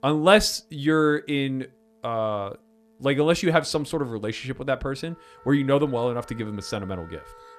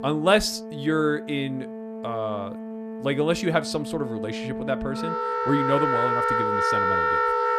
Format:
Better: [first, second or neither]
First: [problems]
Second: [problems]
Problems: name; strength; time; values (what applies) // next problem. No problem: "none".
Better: first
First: background music; faint; throughout; 25 dB below the speech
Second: background music; loud; throughout; as loud as the speech